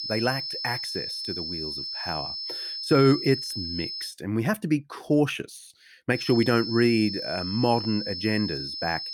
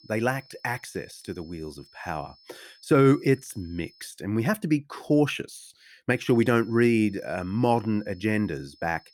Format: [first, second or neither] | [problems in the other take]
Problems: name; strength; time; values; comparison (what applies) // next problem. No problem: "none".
second | high-pitched whine; loud; until 4 s and from 6 s on; 5.5 kHz, 5 dB below the speech; faint in the second